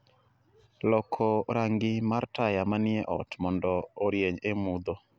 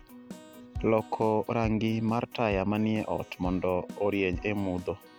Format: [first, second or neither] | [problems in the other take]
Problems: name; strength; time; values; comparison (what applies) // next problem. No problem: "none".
first | background sound (Keyboard (musical)); 14 dB below the speech